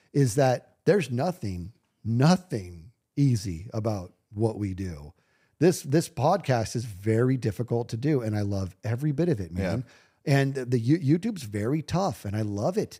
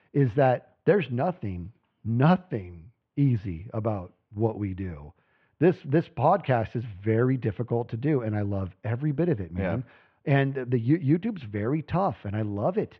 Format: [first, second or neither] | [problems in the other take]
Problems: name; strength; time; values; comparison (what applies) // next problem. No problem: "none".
first | muffled; very; fading above 3 kHz